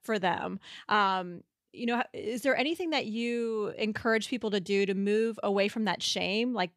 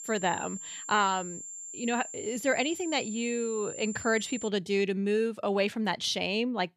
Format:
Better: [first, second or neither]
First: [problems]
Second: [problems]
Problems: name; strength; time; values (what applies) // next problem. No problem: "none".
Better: first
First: none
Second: high-pitched whine; loud; until 4.5 s; 7 kHz, 9 dB below the speech